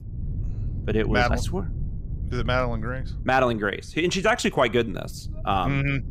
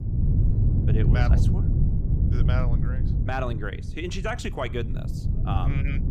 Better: first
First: low rumble; faint; throughout; 25 dB below the speech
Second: low rumble; loud; throughout; 5 dB below the speech

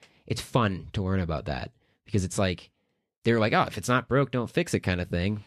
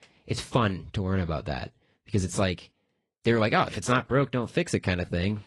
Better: first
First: none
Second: garbled, watery; slightly; nothing above 10.5 kHz

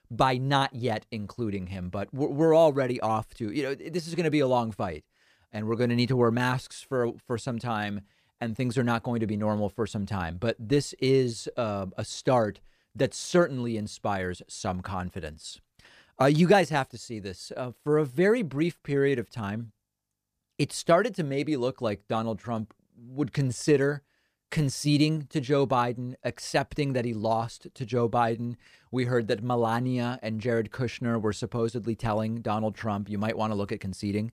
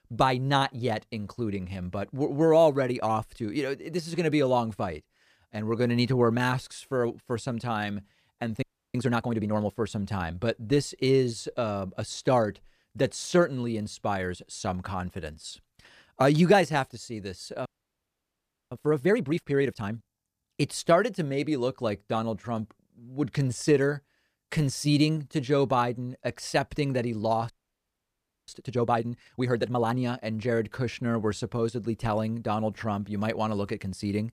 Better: first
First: none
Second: audio freezing; at 8.5 s, at 18 s for 1 s and at 28 s for 1 s

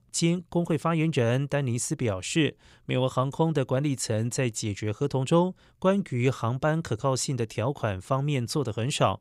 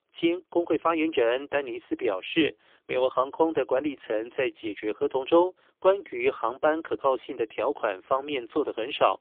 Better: first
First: none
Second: phone-call audio; poor line; nothing above 3.5 kHz

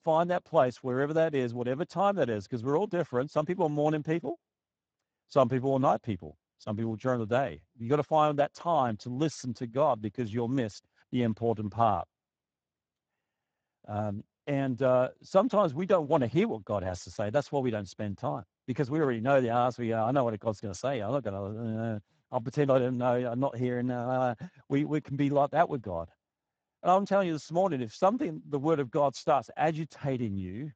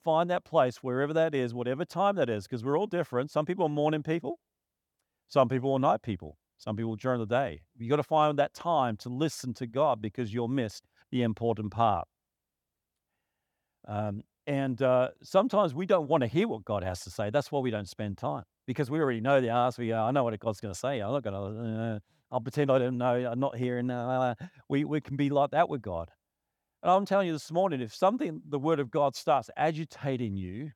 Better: second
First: garbled, watery; badly; nothing above 7.5 kHz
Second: none

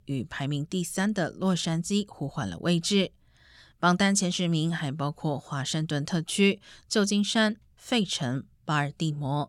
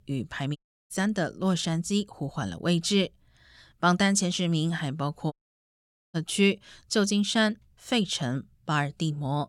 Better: first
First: none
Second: audio cutting out; at 0.5 s and at 5.5 s for 1 s

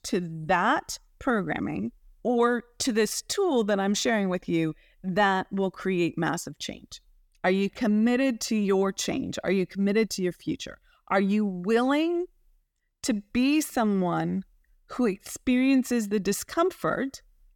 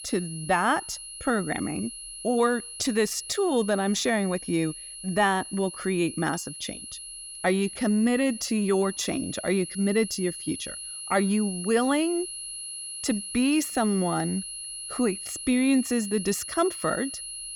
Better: first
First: none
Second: high-pitched whine; loud; throughout; 10.5 kHz, 9 dB below the speech

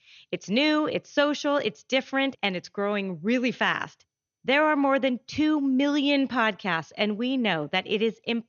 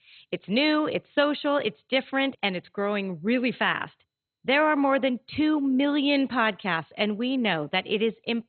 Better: first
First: garbled, watery; slightly; nothing above 6.5 kHz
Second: garbled, watery; badly; nothing above 4 kHz

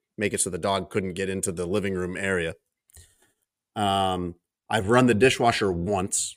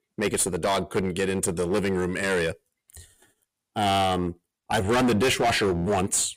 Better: first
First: none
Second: distortion; heavy; 13% of the sound clipped

